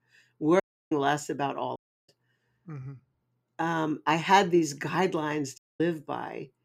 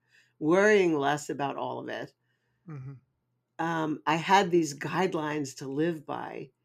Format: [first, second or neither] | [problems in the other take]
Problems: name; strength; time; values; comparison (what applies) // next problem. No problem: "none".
second | audio cutting out; at 0.5 s, at 2 s and at 5.5 s